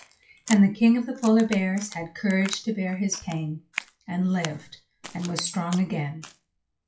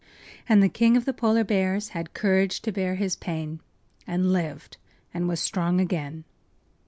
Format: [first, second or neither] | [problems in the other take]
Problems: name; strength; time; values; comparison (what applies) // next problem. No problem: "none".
second | noise reduction (classical method WPE with log-MMSE)